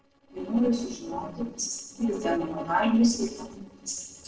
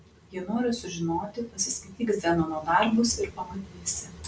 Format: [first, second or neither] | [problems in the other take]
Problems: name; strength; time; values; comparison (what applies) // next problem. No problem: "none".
second | noise reduction (neural separator model SepFormer DNS4)